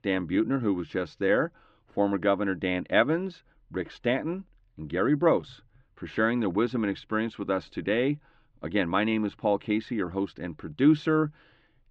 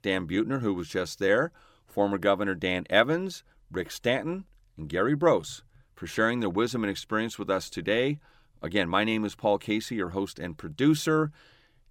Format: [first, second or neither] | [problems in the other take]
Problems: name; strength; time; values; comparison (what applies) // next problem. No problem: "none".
second | muffled; slightly; fading above 3 kHz